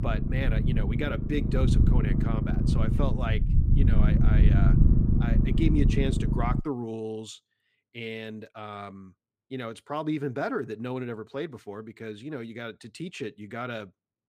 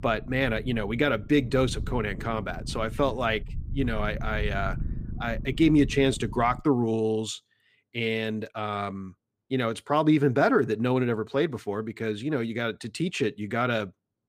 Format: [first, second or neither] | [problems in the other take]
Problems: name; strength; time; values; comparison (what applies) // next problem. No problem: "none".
second | low rumble; loud; until 6.5 s; 1 dB below the speech; faint in the second